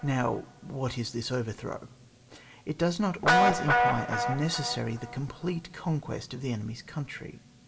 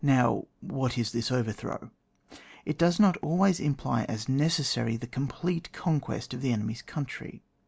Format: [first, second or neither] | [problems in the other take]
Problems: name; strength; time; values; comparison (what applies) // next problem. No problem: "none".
second | background sound (Guitar); as loud as the speech // room echo; dies away in 2.3 s